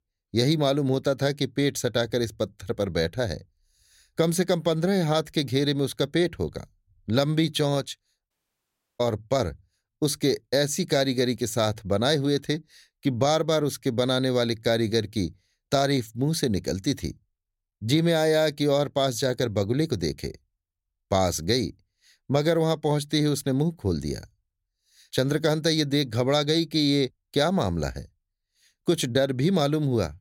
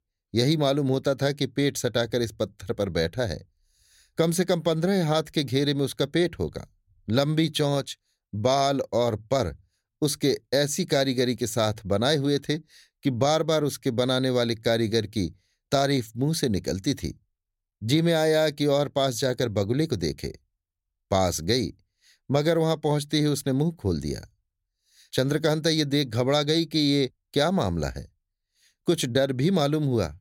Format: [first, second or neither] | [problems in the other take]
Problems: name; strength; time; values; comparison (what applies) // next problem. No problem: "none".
second | audio cutting out; at 8.5 s for 0.5 s